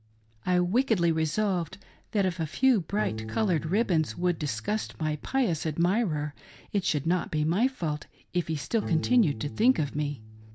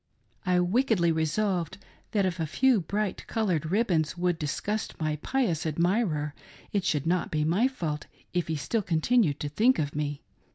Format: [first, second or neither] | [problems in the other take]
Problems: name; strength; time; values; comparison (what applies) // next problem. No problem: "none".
second | background sound (Piano); 15 dB below the speech